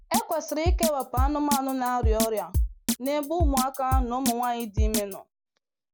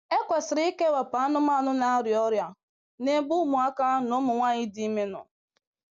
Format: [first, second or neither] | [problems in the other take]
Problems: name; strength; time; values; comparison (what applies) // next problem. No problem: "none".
second | background sound (Drum kit); as loud as the speech